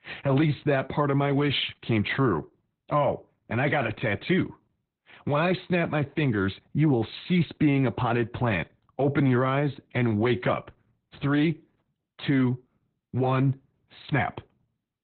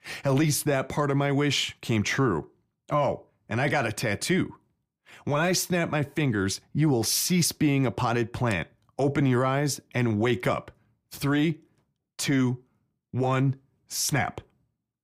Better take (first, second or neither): second